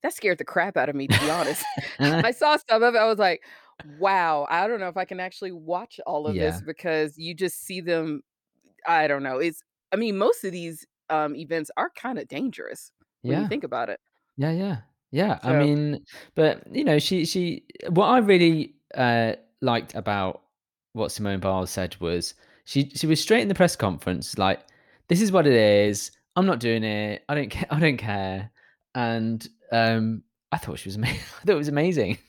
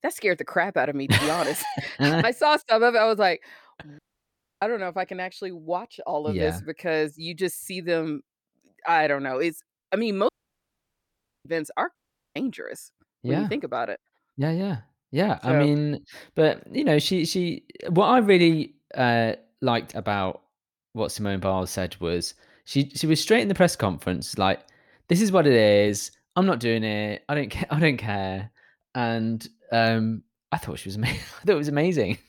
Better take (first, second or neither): first